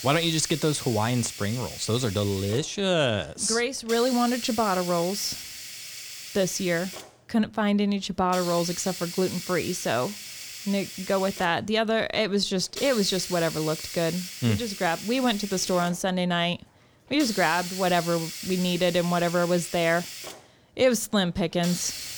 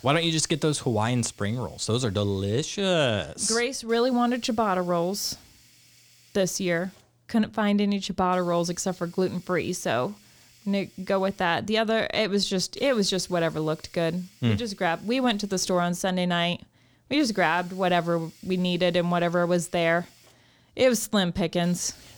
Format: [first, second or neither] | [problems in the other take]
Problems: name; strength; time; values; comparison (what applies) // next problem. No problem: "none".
second | hiss; loud; throughout; 9 dB below the speech; faint in the second